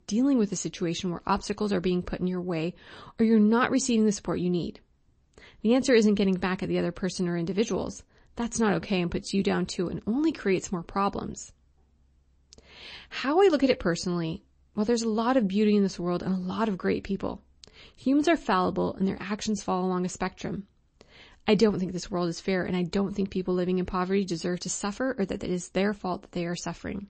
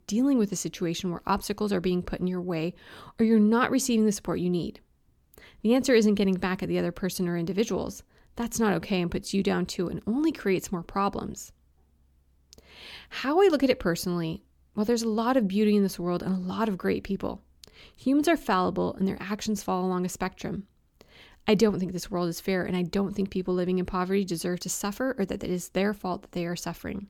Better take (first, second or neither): second